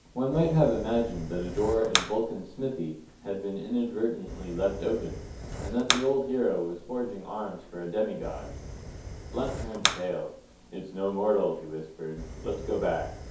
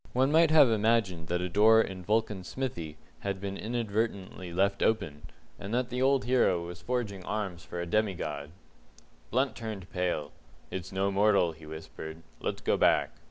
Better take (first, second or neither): second